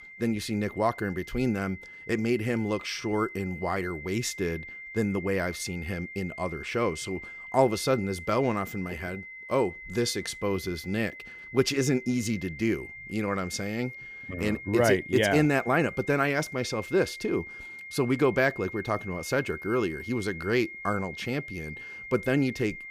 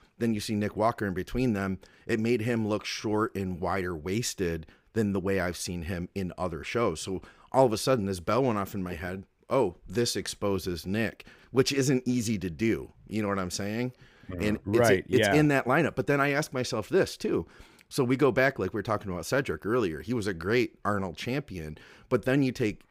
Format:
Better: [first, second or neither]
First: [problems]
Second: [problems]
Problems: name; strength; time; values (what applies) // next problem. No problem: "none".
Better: second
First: high-pitched whine; noticeable; throughout; 2 kHz, 10 dB below the speech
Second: none